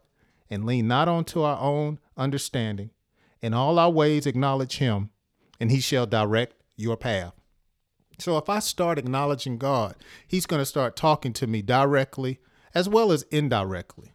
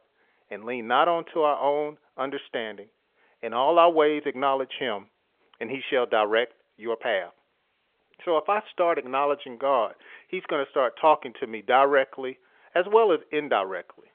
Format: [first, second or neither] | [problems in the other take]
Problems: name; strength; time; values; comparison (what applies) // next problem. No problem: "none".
first | phone-call audio; nothing above 3.5 kHz